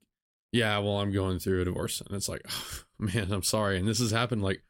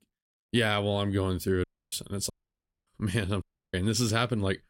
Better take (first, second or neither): first